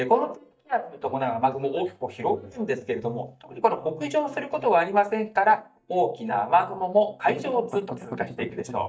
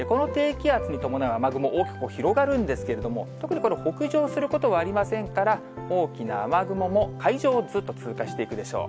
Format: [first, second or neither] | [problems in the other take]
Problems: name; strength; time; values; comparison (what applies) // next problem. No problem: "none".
second | noise reduction (neural mask model DeepFilterNet 3)